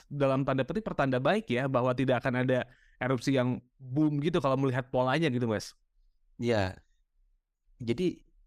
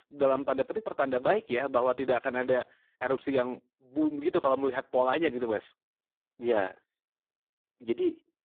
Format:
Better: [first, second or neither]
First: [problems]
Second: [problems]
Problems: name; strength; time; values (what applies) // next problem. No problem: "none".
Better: first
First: none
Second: phone-call audio; poor line; nothing above 3.5 kHz